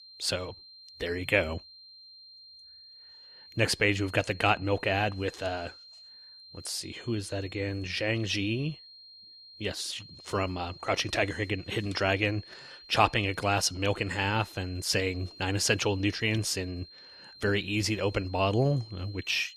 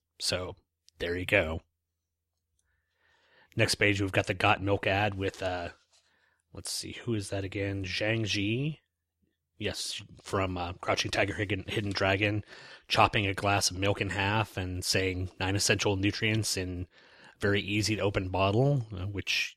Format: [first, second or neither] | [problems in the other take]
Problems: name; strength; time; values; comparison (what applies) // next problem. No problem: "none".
second | high-pitched whine; noticeable; throughout; 4 kHz, 20 dB below the speech